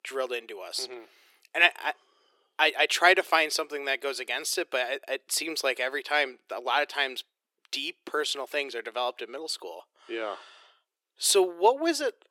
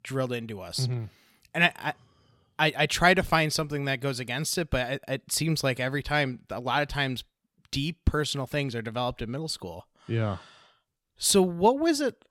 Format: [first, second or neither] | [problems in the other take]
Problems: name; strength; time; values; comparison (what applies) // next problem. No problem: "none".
second | thin; very; fading below 350 Hz